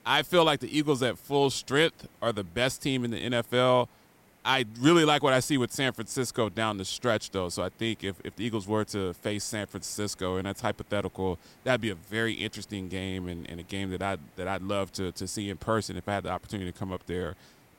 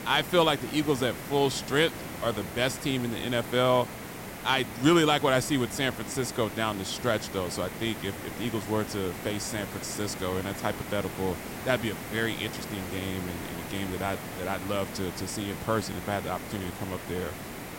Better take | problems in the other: first | hiss; loud; throughout; 9 dB below the speech; faint in the first

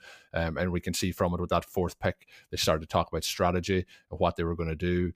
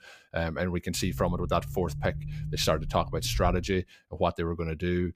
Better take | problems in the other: first | low rumble; noticeable; from 1 to 3.5 s; 20 dB below the speech

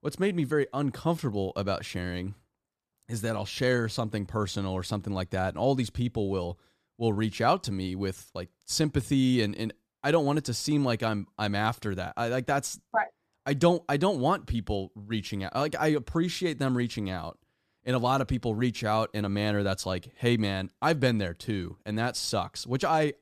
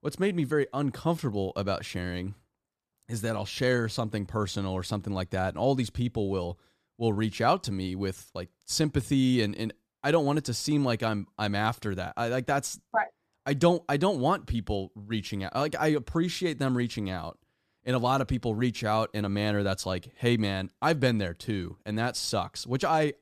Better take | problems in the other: neither | none

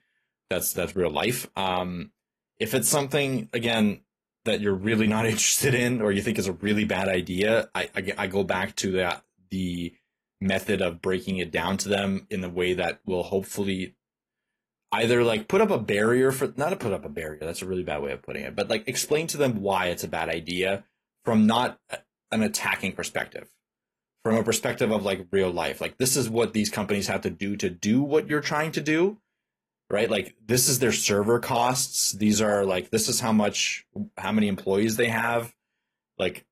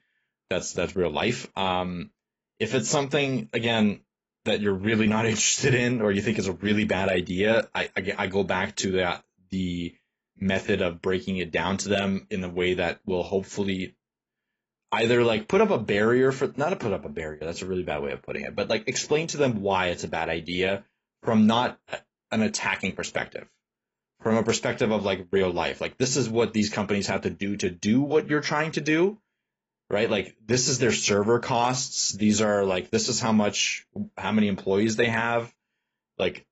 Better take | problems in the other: first | garbled, watery; badly; nothing above 7.5 kHz; slightly in the first

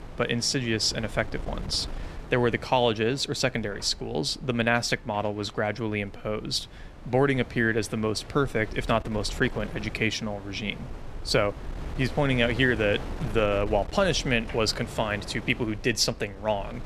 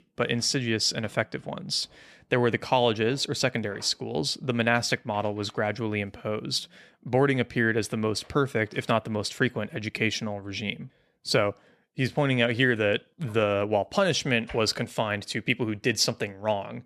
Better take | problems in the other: second | wind noise on the microphone; occasional gusts; 20 dB below the speech

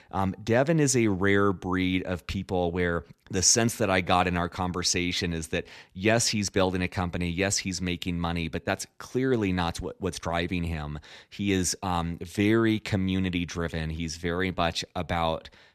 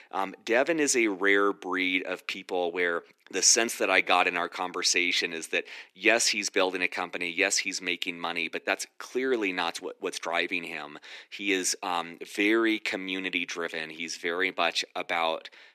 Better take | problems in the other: first | thin; somewhat; fading below 300 Hz

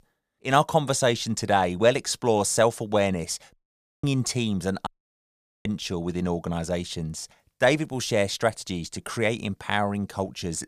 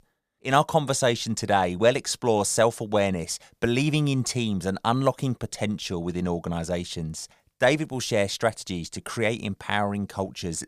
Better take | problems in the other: second | audio cutting out; at 3.5 s for 0.5 s and at 5 s for 1 s

